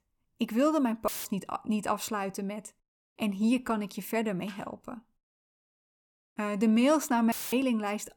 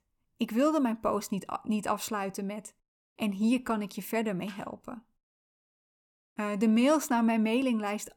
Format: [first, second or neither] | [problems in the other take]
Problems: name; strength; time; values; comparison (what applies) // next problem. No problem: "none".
second | audio cutting out; filled with static; at 1 s and at 7.5 s